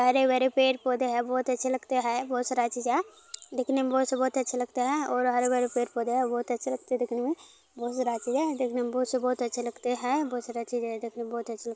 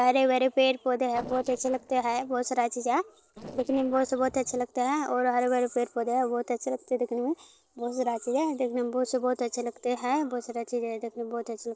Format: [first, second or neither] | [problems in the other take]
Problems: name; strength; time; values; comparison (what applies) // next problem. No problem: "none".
first | noise reduction (neural separator model SepFormer DNS4)